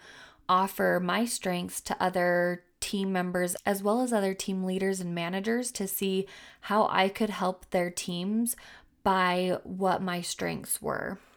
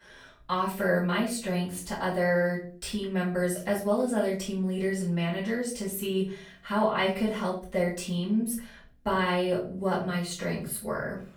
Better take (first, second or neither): first